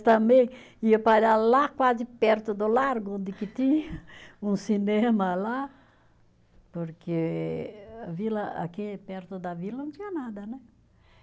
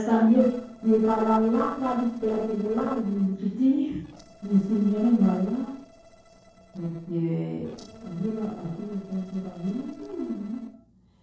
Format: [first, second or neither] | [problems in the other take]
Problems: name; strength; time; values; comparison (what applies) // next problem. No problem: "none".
first | noise reduction (neural separator model SepFormer DNS4)